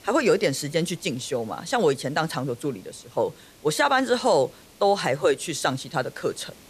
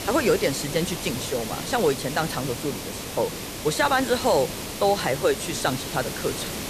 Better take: first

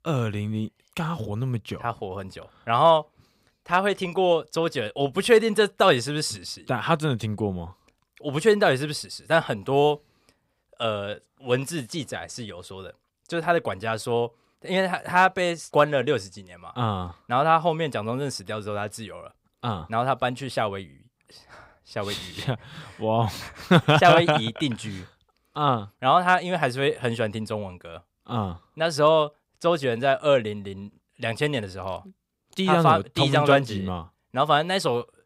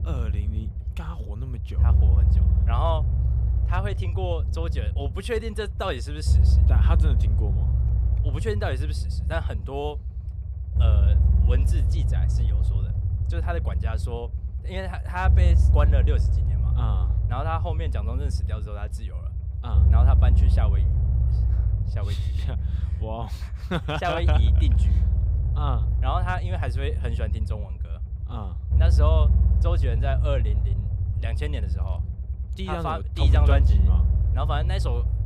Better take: first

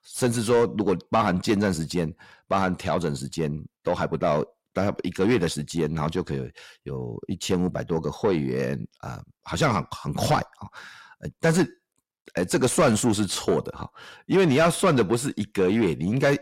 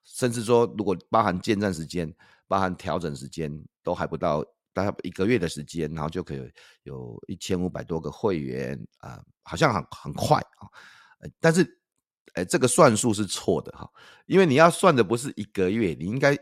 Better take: second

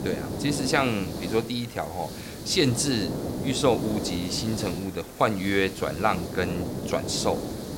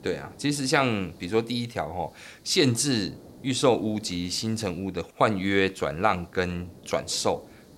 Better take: second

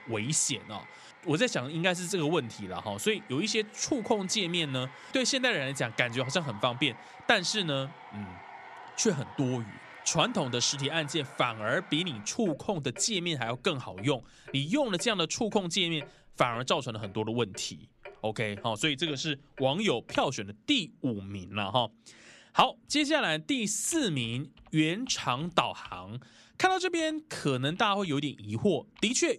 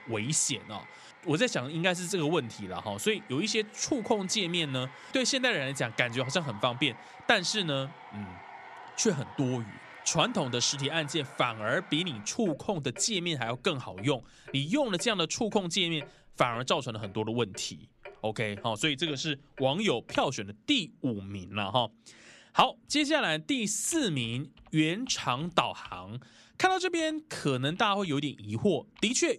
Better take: neither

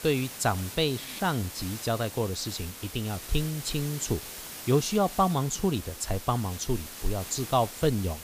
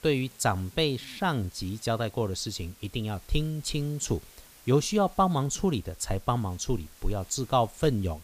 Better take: second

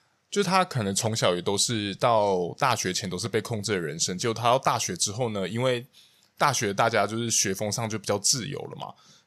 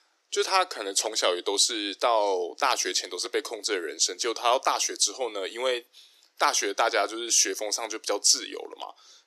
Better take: first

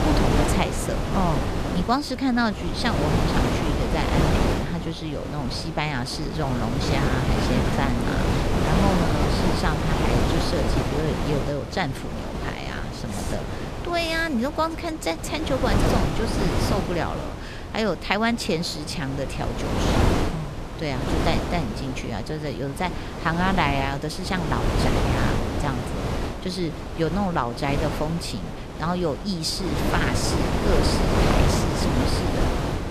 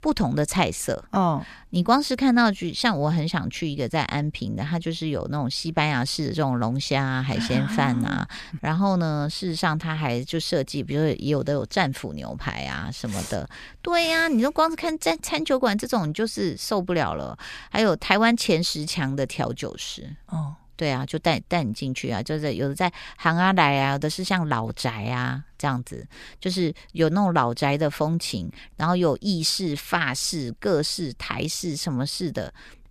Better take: second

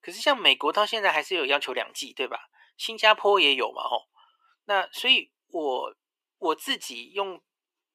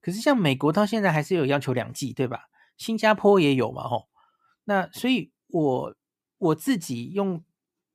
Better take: second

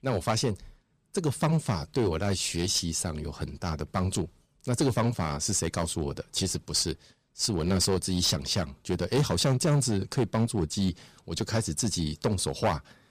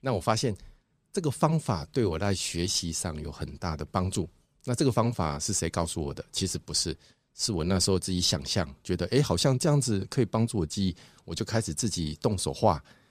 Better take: second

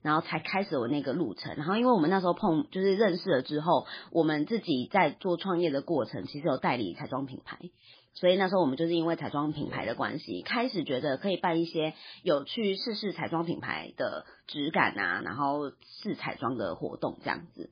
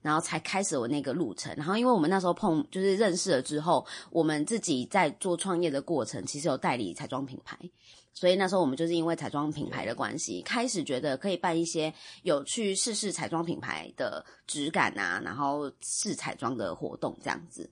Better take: second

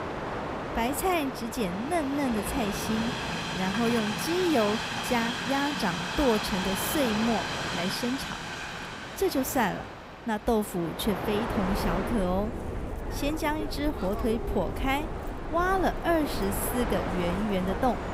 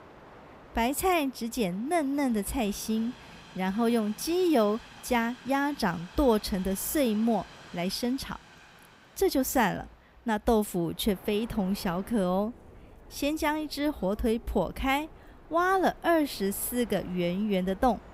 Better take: second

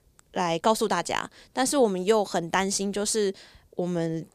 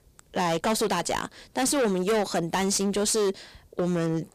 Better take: first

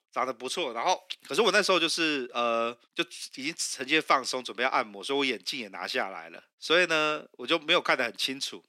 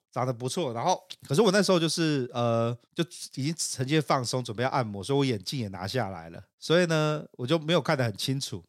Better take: second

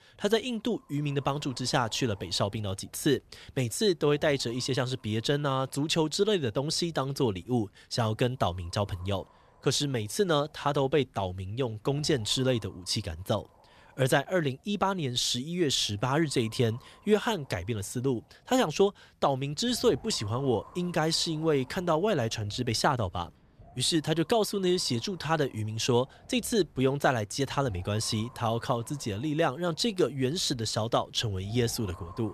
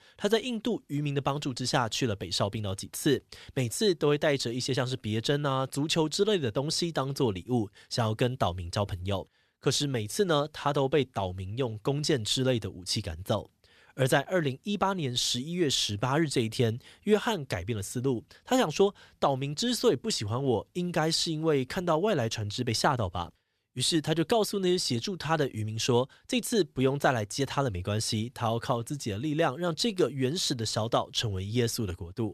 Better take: second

